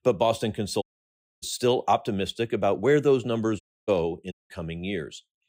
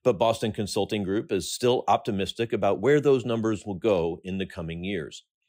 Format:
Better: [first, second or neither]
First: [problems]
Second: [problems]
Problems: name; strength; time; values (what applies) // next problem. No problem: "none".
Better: second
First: audio cutting out; at 1 s for 0.5 s, at 3.5 s and at 4.5 s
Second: none